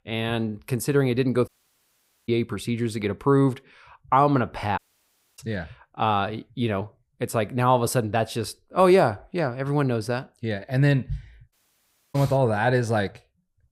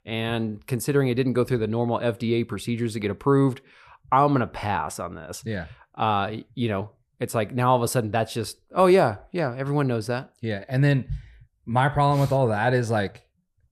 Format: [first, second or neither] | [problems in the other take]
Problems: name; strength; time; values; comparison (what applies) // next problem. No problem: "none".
second | audio cutting out; at 1.5 s for 1 s, at 5 s for 0.5 s and at 12 s for 0.5 s